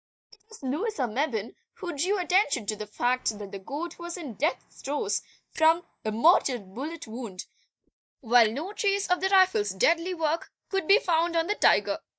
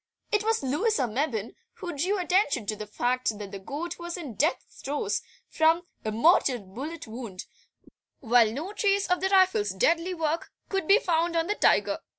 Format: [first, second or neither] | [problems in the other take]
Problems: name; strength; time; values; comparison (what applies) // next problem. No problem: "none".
second | noise reduction (neural mask model DeepFilterNet 3)